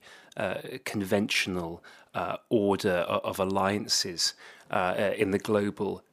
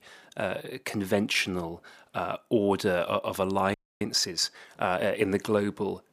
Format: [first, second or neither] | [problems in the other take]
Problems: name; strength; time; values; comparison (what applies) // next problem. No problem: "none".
first | audio freezing; at 3.5 s